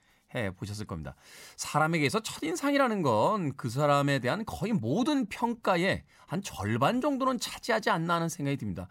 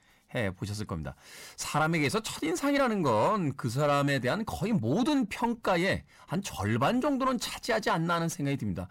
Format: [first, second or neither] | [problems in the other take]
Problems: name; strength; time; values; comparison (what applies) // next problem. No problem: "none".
first | distortion; slight; 10 dB below the speech